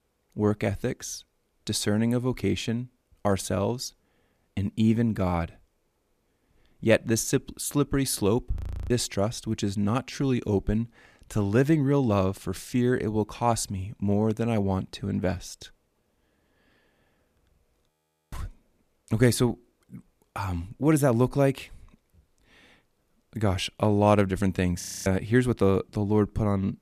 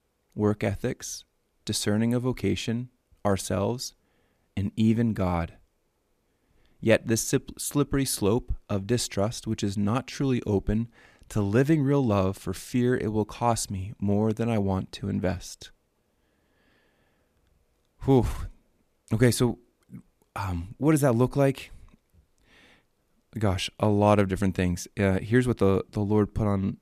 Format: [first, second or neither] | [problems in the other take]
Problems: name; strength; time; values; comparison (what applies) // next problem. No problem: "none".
second | audio freezing; at 8.5 s, at 18 s and at 25 s